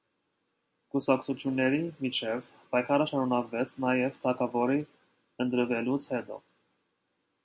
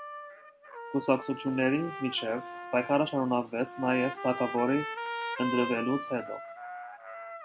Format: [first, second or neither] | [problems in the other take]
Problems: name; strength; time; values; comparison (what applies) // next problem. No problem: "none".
first | background sound (Trumpet); 9 dB below the speech